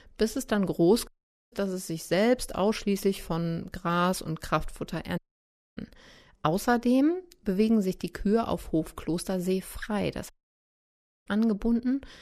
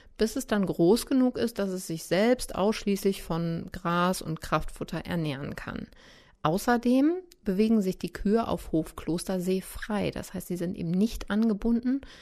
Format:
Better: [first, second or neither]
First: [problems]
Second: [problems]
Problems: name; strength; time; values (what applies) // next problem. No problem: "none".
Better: second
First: audio cutting out; at 1 s, at 5 s for 0.5 s and at 10 s for 1 s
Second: none